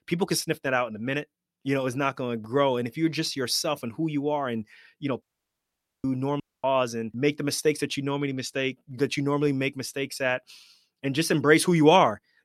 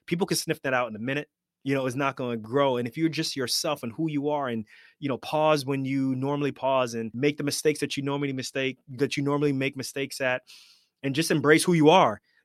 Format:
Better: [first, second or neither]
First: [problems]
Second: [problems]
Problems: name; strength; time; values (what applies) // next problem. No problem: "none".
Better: second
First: audio cutting out; at 5 s for 1 s and at 6.5 s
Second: none